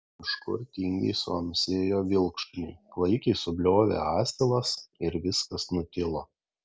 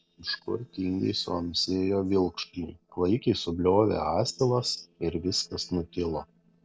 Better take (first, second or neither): first